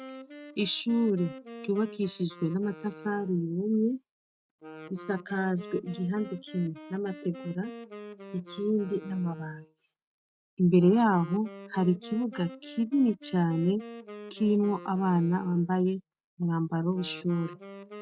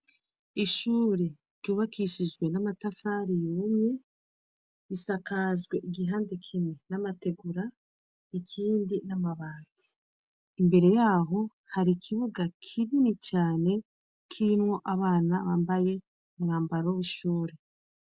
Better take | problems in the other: second | noise reduction (neural mask model RNNoise)

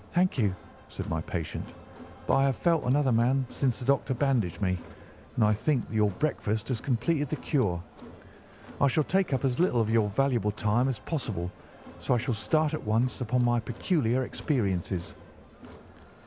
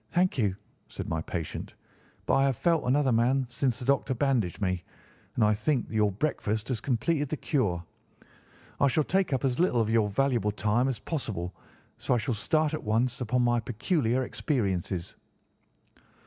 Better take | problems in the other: second | background sound (Crowd); 19 dB below the speech

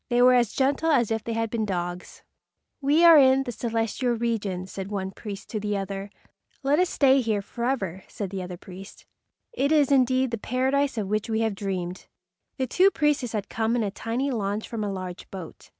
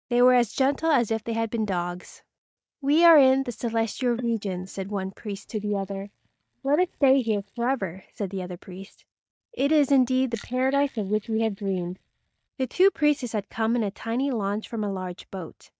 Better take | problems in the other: first | noise reduction (neural mask model DeepFilterNet 3)

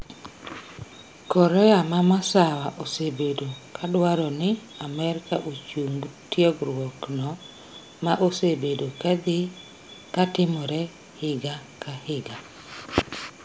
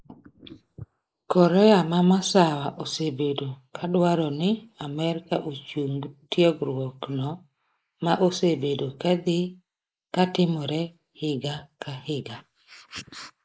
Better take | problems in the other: first | noise reduction (neural mask model Resemble Enhance denoiser)

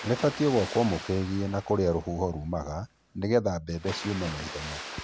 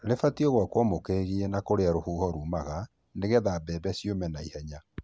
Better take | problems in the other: second | background sound (Water); 13 dB below the speech

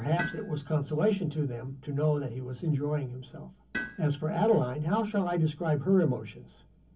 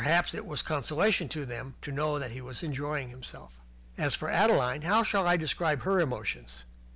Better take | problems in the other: second | background sound (Tools); 16 dB below the speech // room echo; dies away in 0.3 s

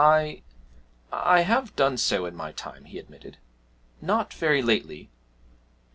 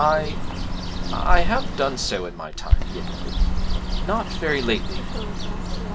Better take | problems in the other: first | background sound (Bird); 4 dB above the speech

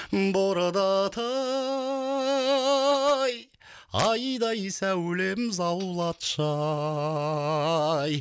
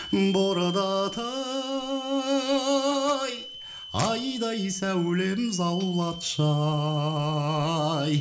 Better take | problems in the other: first | background sound (Hiss / Alarm); 14 dB below the speech // room echo; dies away in 0.4 s

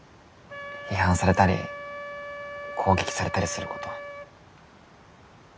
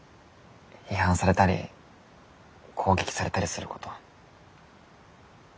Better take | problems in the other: second | background sound (Wind instrument, woodwind instrument); 11 dB below the speech

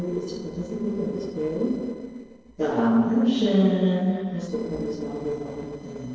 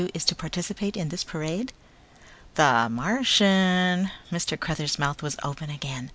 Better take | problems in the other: second | noise reduction (neural separator model SepFormer DNS4)

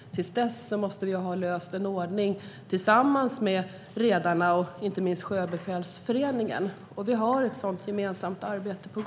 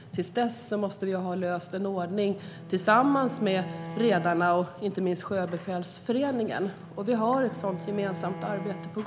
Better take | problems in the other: first | background sound (Bowed string instrument); 14 dB below the speech

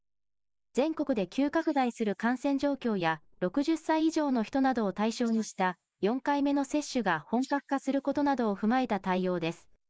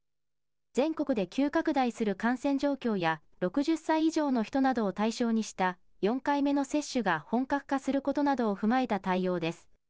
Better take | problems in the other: second | noise reduction (neural mask model Resemble Enhance denoiser)

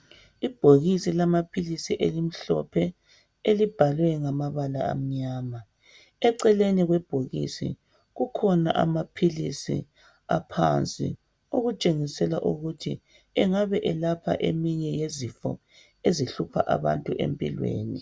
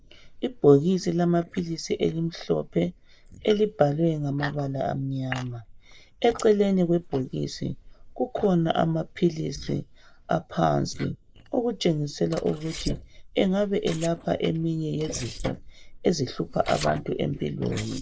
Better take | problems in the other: first | noise reduction (neural mask model Resemble Enhance denoiser)

